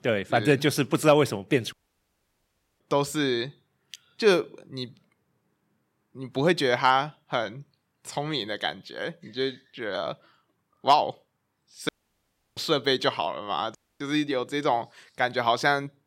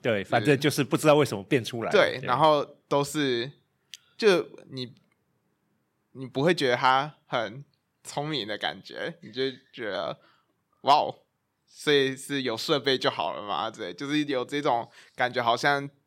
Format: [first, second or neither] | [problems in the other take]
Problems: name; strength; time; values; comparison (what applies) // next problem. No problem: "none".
second | audio cutting out; at 1.5 s for 1 s, at 12 s for 0.5 s and at 14 s